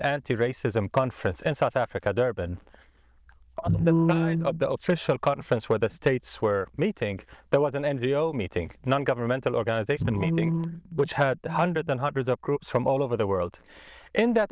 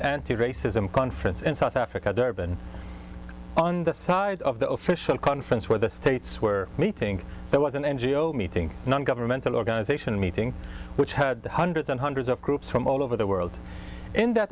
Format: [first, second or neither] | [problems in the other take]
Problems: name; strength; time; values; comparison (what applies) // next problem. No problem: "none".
second | noise reduction (neural diffusion model UNIVERSE++)